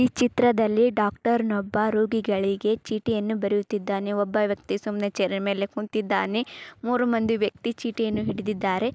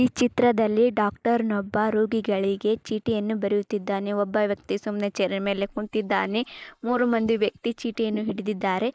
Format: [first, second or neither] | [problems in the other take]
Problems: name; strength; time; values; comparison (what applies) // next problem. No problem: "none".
first | noise reduction (neural mask model Resemble Enhance denoiser)